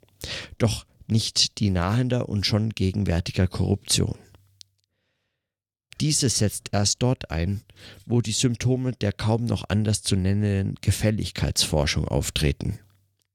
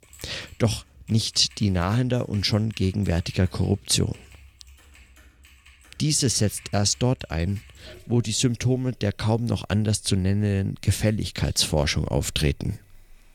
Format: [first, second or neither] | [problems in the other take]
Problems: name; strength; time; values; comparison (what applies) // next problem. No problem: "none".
first | household noises; faint; throughout; 30 dB below the speech